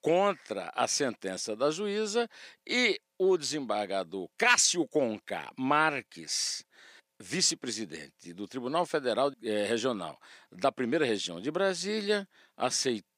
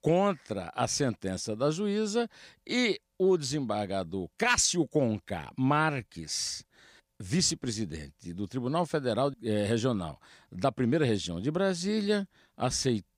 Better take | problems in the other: second | thin; very slightly; fading below 300 Hz

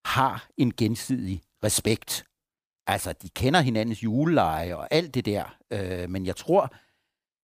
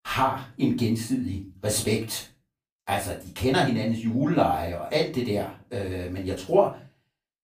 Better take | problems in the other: first | room echo; slight; dies away in 0.3 s // off-mic speech; far

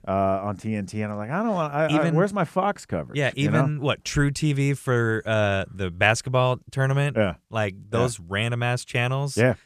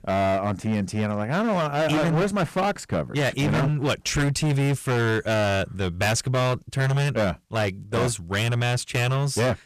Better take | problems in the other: first | distortion; heavy; 23% of the sound clipped

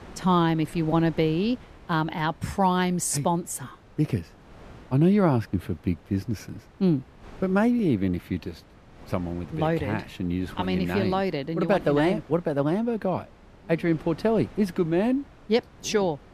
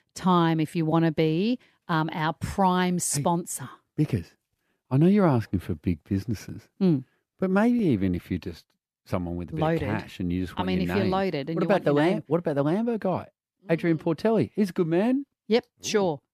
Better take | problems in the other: second | wind noise on the microphone; occasional gusts; 25 dB below the speech

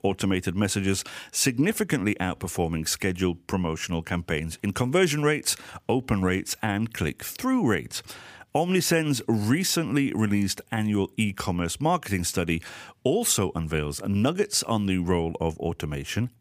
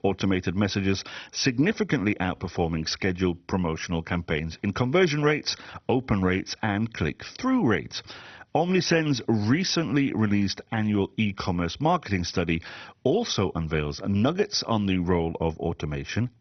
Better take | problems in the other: first | garbled, watery; badly; nothing above 6 kHz

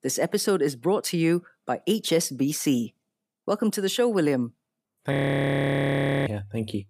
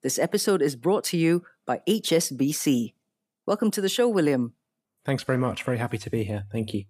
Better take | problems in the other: second | audio freezing; at 5 s for 1 s

